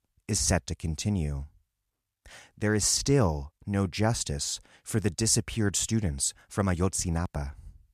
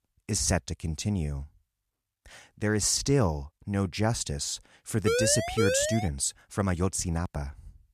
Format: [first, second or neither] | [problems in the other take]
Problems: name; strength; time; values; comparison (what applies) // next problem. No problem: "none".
first | siren; loud; from 5 to 6 s; peak 1 dB above the speech